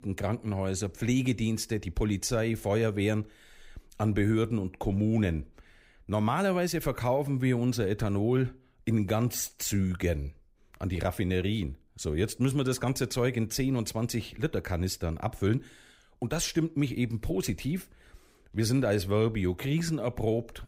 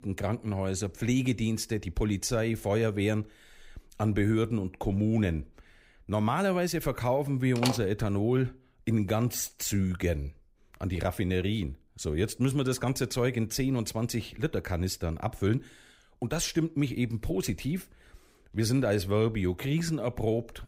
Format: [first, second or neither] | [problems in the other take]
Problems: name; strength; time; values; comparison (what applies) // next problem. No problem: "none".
first | door banging; noticeable; at 7.5 s; peak 3 dB below the speech